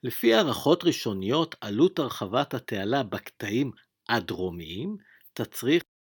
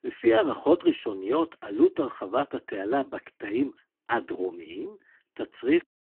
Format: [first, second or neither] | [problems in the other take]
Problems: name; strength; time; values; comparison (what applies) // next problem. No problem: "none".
first | phone-call audio; poor line